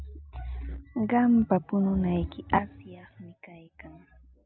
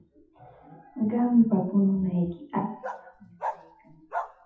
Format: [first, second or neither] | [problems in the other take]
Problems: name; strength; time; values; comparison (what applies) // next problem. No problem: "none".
first | noise reduction (classical method WPE with log-MMSE)